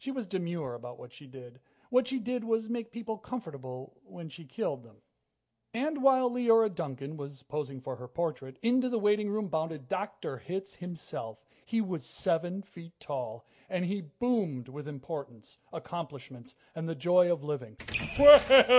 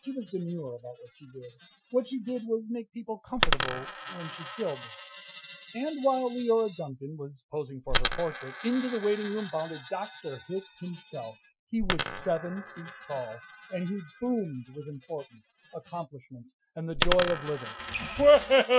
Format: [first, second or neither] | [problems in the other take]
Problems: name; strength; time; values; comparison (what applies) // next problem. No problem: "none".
first | noise reduction (classical method Wiener filter)